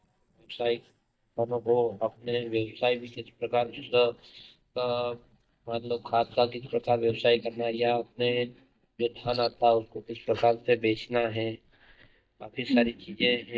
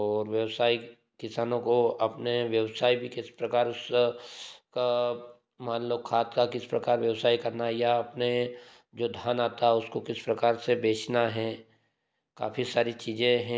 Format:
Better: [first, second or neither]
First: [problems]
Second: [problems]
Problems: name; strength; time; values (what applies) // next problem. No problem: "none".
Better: second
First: noise reduction (neural mask model DeepFilterNet 3)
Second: none